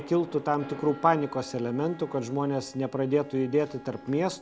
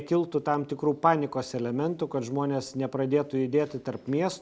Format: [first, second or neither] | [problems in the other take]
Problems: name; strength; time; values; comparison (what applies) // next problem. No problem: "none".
second | background sound (Thunder + Wind instrument, woodwind instrument); 18 dB below the speech